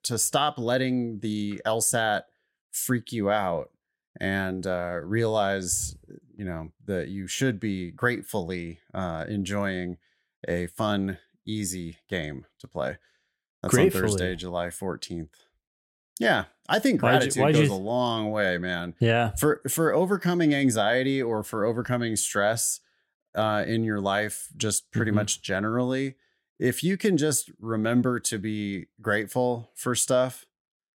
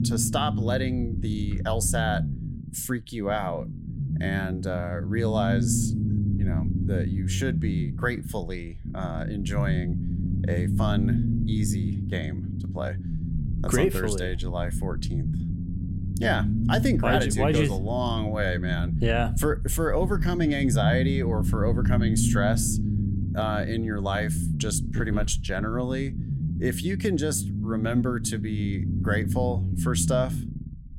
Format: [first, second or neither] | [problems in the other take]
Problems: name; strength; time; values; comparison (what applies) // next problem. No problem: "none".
first | low rumble; loud; throughout; 9 dB below the speech